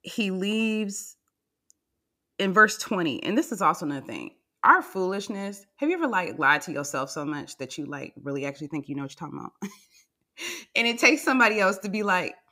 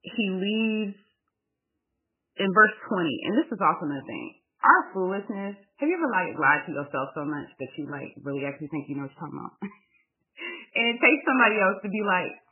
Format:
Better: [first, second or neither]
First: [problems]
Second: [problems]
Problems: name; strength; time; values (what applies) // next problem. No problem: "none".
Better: first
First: none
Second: garbled, watery; badly; nothing above 3 kHz